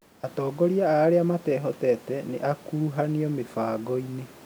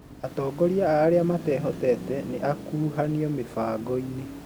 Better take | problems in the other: first | background sound (Car passing by / Traffic noise, roadway noise / Engine); 13 dB below the speech

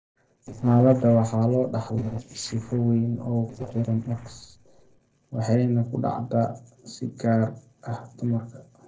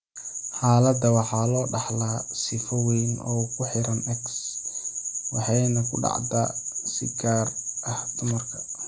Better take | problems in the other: second | noise reduction (neural separator model SepFormer DNS4)

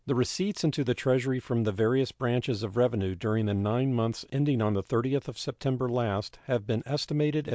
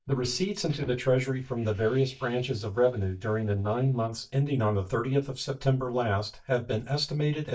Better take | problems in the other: first | noise reduction (neural mask model DeepFilterNet 3)

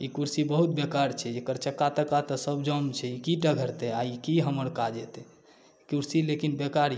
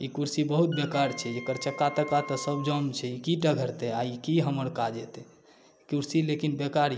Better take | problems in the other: first | background sound (Wind instrument, woodwind instrument); 14 dB below the speech

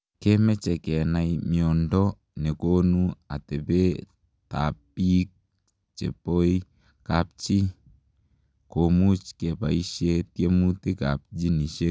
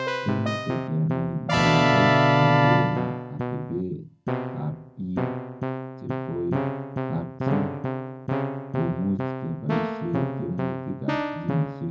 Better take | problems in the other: first | background sound (Keyboard (musical)); 4 dB above the speech // room echo; dies away in 0.4 s

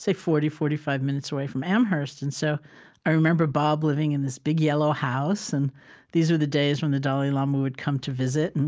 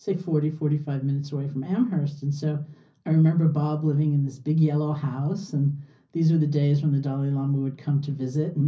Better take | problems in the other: first | room echo; dies away in 0.5 s

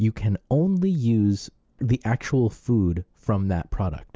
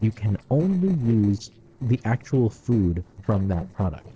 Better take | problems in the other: first | noise reduction (neural separator model SepFormer DNS4)

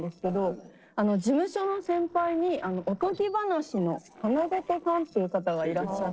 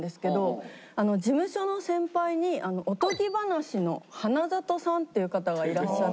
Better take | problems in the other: second | noise reduction (neural separator model SepFormer DNS4)

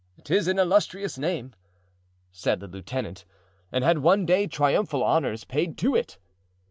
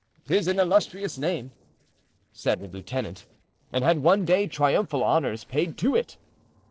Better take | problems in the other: first | noise reduction (neural separator model SepFormer DNS4)

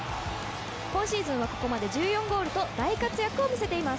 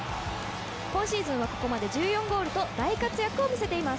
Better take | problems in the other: first | background sound (Wind instrument, woodwind instrument); 18 dB below the speech

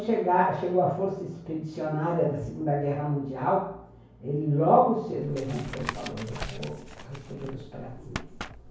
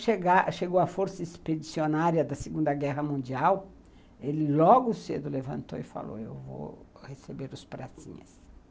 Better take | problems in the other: second | background sound (Tap); 12 dB below the speech // room echo; dies away in 0.6 s

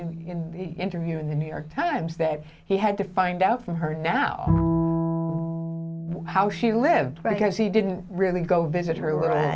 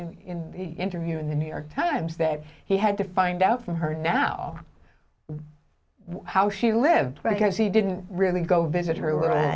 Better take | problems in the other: second | background sound (Bowed string instrument); 6 dB below the speech

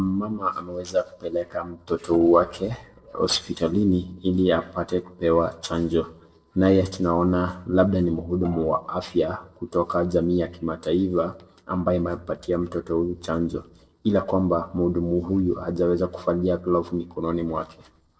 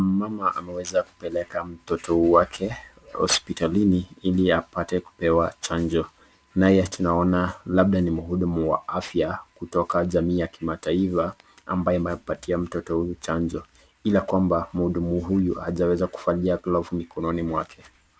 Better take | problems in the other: second | noise reduction (neural separator model SepFormer DNS4)

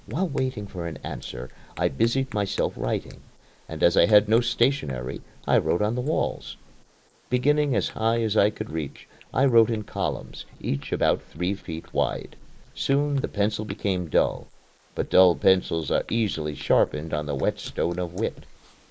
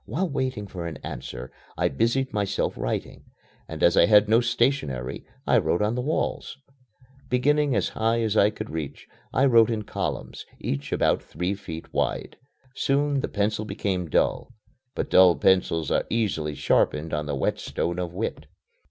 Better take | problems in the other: second | noise reduction (neural mask model Resemble Enhance denoiser)

